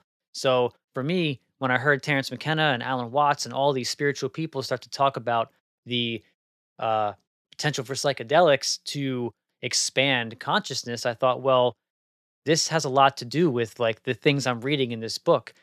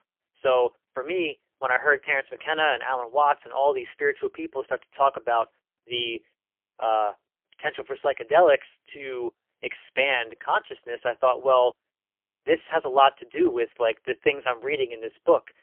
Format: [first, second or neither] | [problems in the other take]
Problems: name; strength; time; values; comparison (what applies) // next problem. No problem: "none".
first | phone-call audio; poor line; nothing above 3.5 kHz